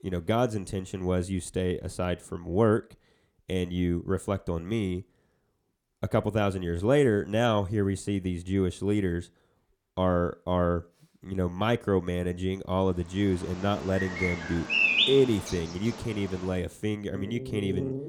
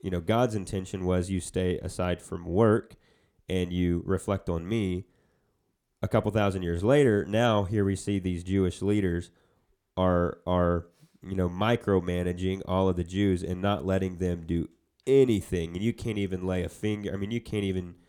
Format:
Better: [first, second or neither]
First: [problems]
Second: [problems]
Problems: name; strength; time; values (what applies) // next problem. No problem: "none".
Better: second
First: animal sounds; very loud; from 13 s on; 1 dB above the speech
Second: none